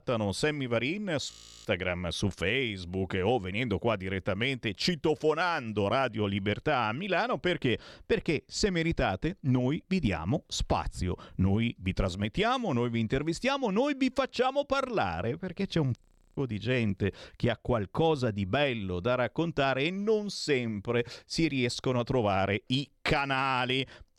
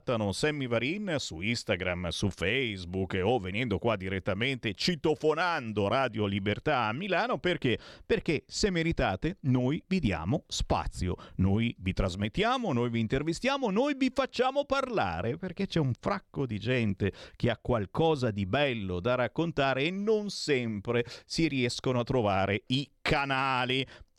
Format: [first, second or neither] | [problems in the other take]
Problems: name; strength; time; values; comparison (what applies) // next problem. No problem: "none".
second | audio freezing; at 1.5 s and at 16 s